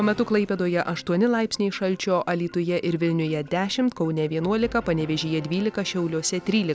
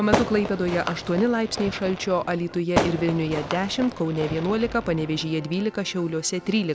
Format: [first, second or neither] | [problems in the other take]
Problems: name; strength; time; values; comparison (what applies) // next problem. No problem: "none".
first | background sound (Fireworks); 6 dB below the speech